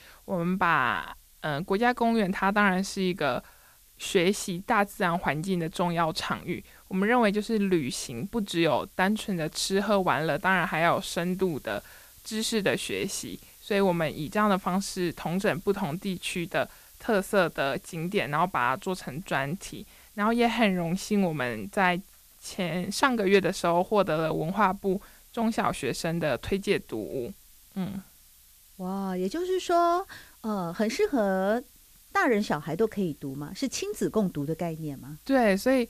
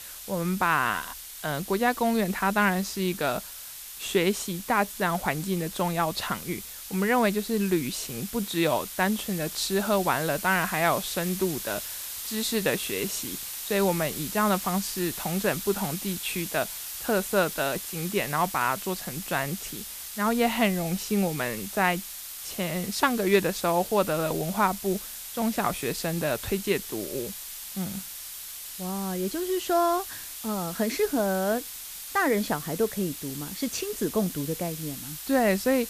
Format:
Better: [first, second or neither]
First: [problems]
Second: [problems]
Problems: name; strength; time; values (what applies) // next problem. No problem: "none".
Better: first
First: hiss; faint; throughout; 25 dB below the speech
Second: hiss; loud; throughout; 8 dB below the speech